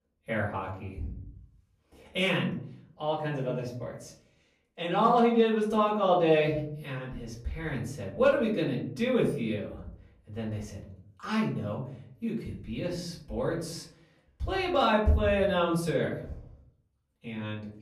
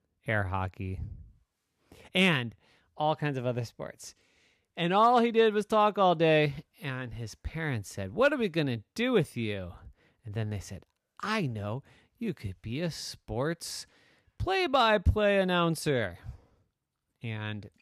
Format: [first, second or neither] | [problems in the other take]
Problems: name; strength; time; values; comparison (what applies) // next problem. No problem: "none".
second | off-mic speech; far // room echo; slight; dies away in 0.6 s